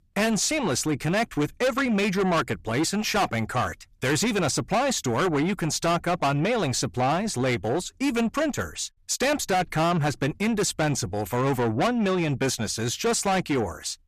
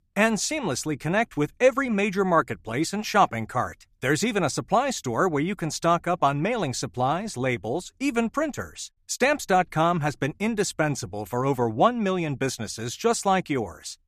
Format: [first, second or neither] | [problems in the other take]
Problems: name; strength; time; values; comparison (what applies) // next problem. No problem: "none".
second | distortion; heavy; 6 dB below the speech